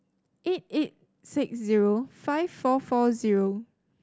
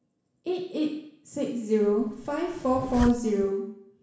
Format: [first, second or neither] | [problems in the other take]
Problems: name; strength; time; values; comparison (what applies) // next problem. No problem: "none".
first | background sound (Zipper (clothing)); 9 dB below the speech // room echo; dies away in 0.7 s